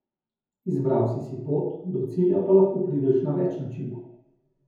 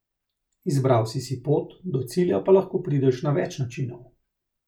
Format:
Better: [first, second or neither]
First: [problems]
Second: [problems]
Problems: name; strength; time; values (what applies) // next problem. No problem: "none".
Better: second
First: room echo; dies away in 0.9 s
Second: none